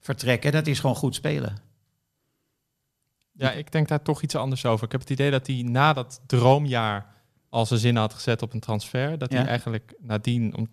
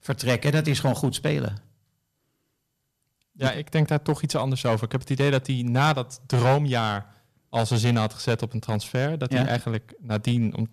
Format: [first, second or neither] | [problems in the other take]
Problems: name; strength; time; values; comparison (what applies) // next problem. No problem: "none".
first | distortion; slight; 3% of the sound clipped